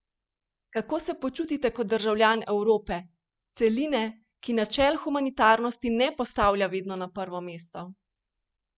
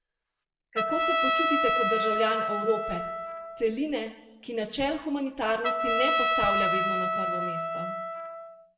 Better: first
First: none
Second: background sound (Trumpet); 2 dB above the speech // room echo; dies away in 0.8 s

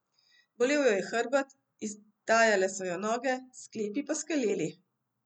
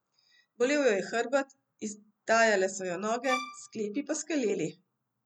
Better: first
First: none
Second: background sound (Bowed string instrument); 7 dB below the speech

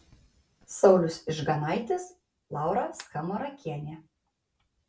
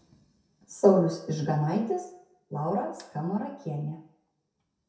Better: first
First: none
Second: room echo; dies away in 0.6 s

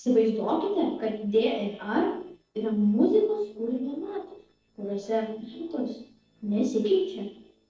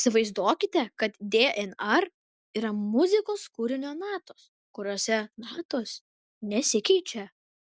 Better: second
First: noise reduction (neural separator model SepFormer DNS4)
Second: none

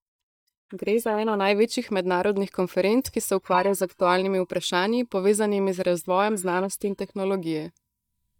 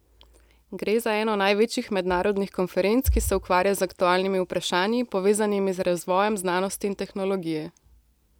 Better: second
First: noise reduction (neural mask model DeepFilterNet 3)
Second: none

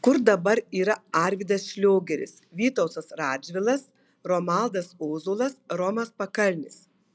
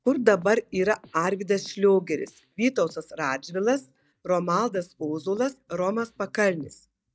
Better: first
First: none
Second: noise reduction (neural mask model DeepFilterNet 3)

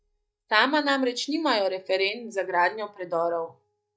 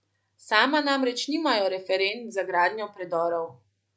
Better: second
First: noise reduction (neural mask model DeepFilterNet 3)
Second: none

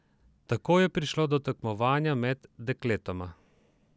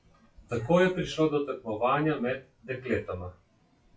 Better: first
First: none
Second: noise reduction (classical method WPE with log-MMSE)

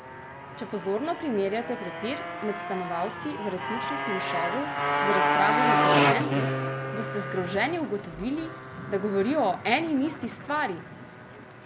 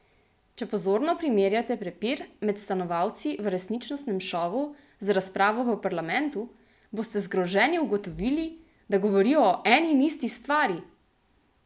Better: second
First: background sound (Motorcycle); 1 dB above the speech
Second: none

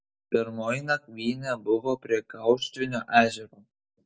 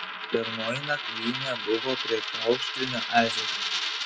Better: first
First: none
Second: background sound (Coin (dropping)); 2 dB below the speech

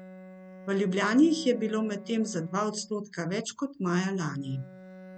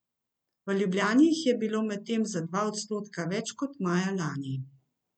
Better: second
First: background sound (Bowed string instrument); 18 dB below the speech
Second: none

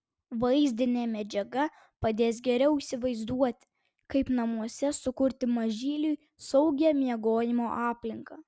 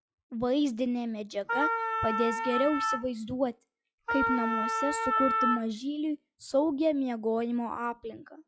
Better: first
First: none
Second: noise reduction (classical method log-MMSE)

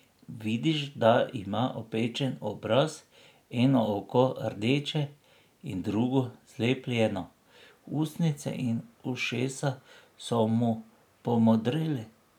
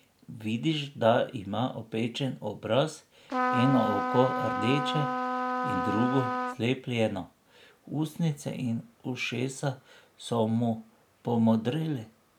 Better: first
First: none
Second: background sound (Trumpet); as loud as the speech

